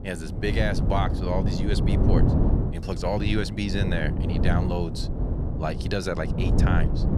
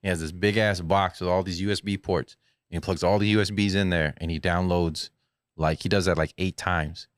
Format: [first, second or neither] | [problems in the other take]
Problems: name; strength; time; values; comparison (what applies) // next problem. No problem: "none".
second | wind noise on the microphone; heavy; 5 dB below the speech